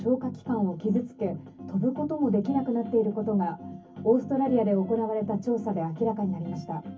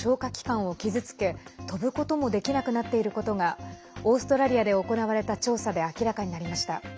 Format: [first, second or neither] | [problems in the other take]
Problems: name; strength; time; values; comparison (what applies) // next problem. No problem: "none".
second | room echo; dies away in 0.3 s